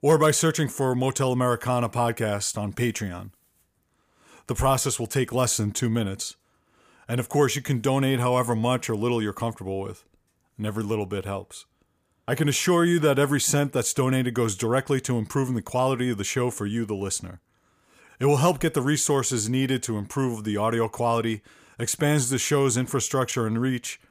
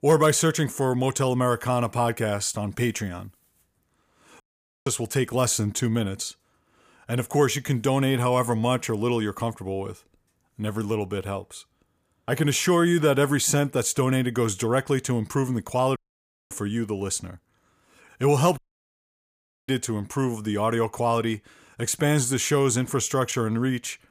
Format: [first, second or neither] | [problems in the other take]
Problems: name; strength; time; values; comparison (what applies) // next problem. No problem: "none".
first | audio cutting out; at 4.5 s, at 16 s for 0.5 s and at 19 s for 1 s